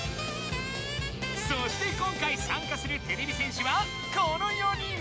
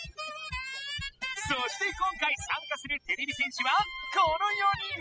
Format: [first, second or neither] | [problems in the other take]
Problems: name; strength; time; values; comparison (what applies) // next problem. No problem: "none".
first | noise reduction (classical method spectral subtraction)